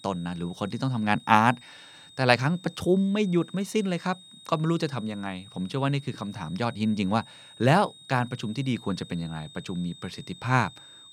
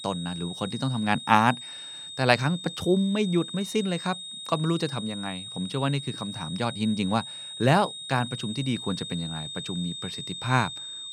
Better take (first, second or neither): first